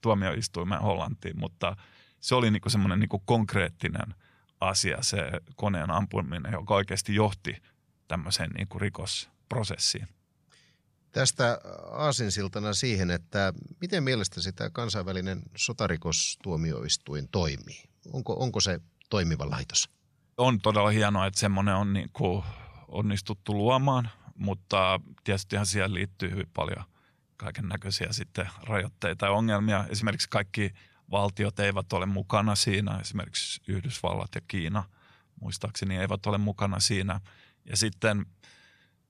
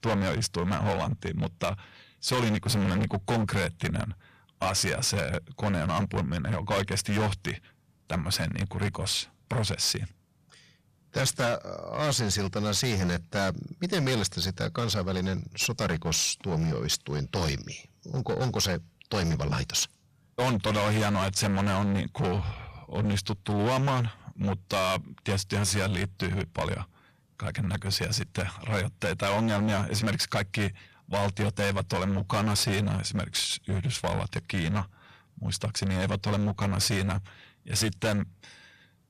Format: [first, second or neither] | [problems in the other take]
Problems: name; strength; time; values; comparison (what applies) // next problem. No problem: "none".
first | distortion; heavy; 17% of the sound clipped